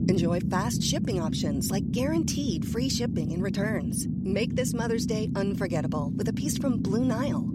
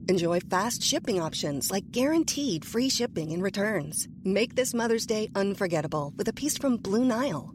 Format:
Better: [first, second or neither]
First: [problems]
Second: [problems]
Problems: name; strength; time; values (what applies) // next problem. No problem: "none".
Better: second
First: low rumble; loud; throughout; 5 dB below the speech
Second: low rumble; faint; throughout; 25 dB below the speech